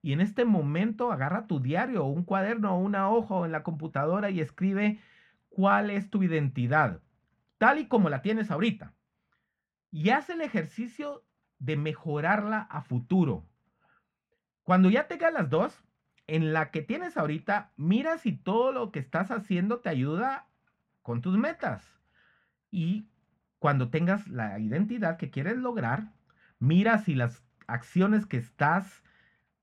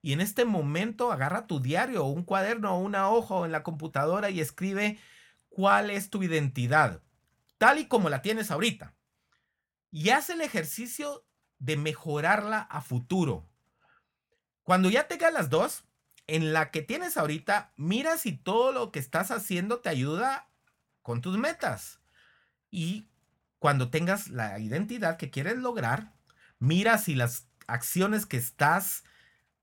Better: second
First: muffled; slightly; fading above 2.5 kHz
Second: none

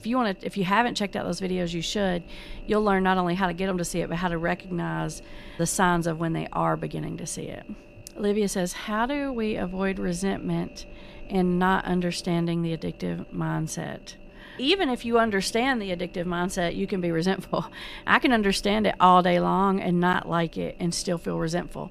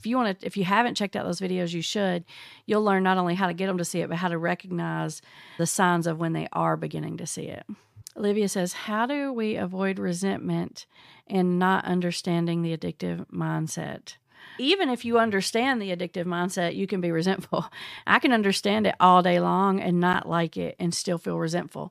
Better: second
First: low rumble; faint; throughout; 25 dB below the speech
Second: none

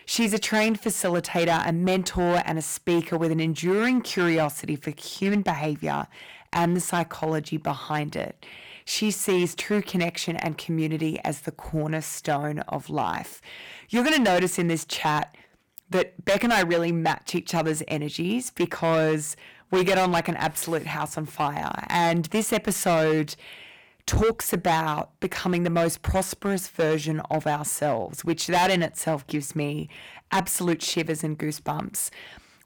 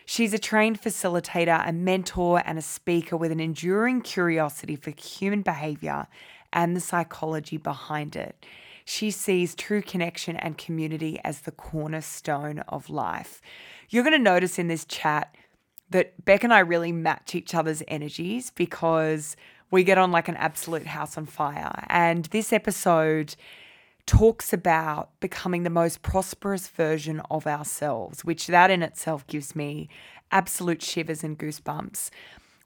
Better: second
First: distortion; heavy; 8% of the sound clipped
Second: none

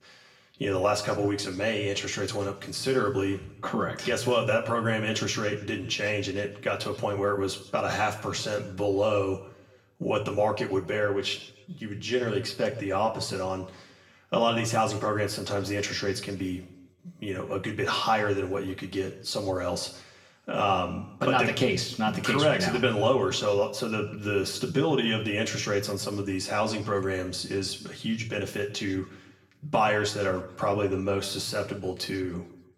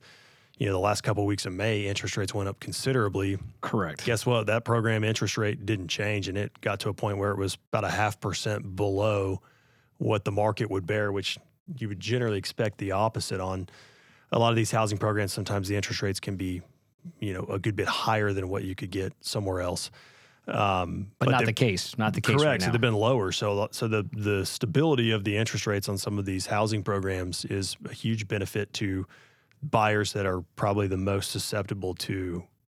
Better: second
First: room echo; slight; dies away in 0.6 s // off-mic speech; far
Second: none

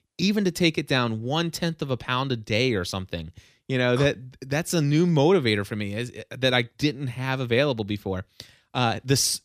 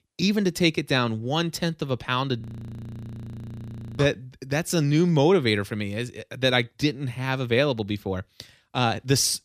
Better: first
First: none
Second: audio freezing; at 2.5 s for 1.5 s

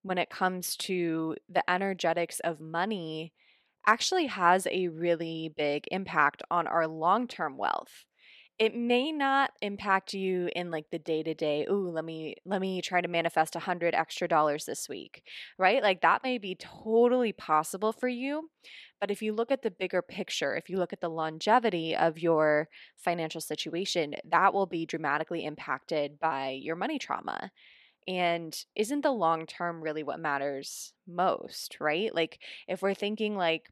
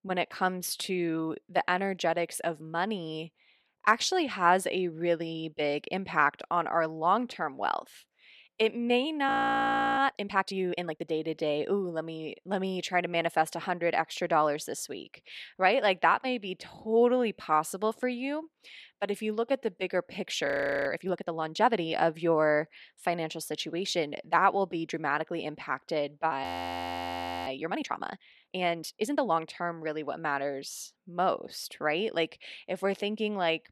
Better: first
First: none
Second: audio freezing; at 9.5 s for 0.5 s, at 20 s and at 26 s for 1 s

